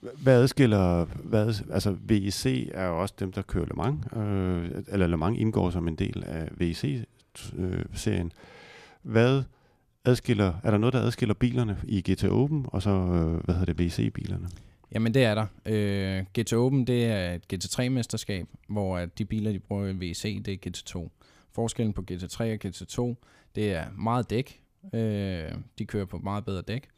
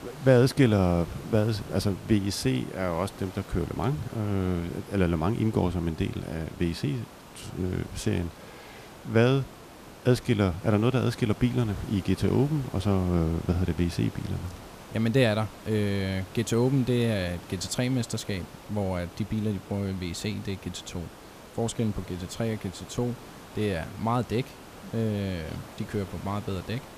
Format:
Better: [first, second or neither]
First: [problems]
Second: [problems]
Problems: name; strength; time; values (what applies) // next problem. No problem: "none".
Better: first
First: none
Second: hiss; noticeable; throughout; 15 dB below the speech